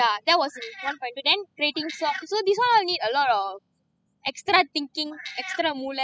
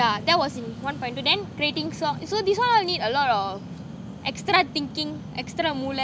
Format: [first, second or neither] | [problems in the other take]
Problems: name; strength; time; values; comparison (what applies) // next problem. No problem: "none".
second | noise reduction (classical method spectral subtraction)